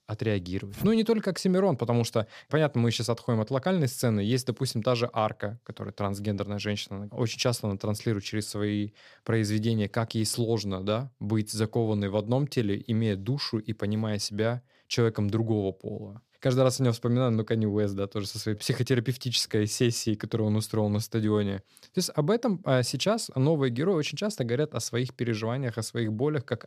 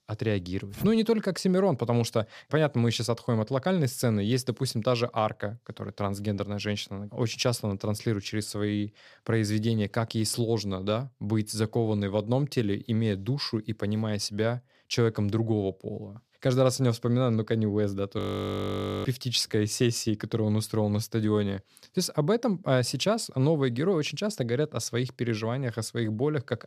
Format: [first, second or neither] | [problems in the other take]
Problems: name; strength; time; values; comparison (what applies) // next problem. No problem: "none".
first | audio freezing; at 18 s for 1 s